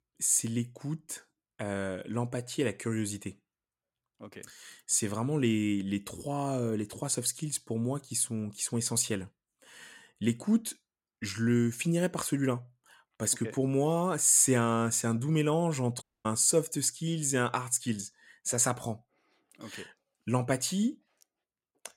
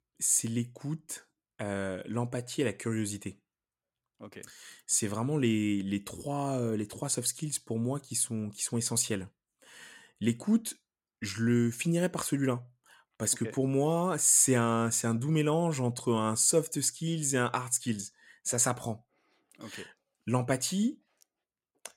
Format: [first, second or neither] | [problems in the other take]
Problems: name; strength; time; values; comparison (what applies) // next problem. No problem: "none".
second | audio cutting out; at 16 s